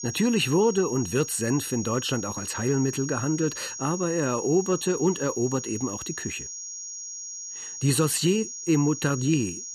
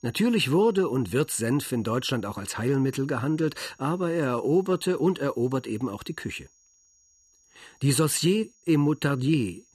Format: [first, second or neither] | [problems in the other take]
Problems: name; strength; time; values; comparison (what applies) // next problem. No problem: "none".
second | high-pitched whine; loud; throughout; 6.5 kHz, 8 dB below the speech; faint in the second